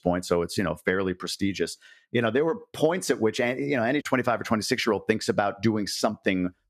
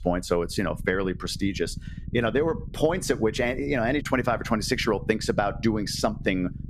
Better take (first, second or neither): first